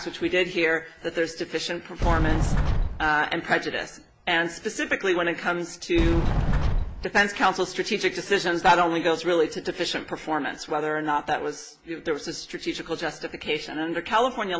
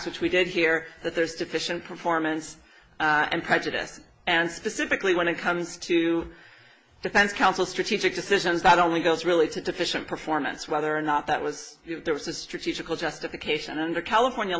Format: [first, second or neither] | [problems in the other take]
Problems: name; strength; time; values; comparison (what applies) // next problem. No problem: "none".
second | background sound (Sliding door); 4 dB above the speech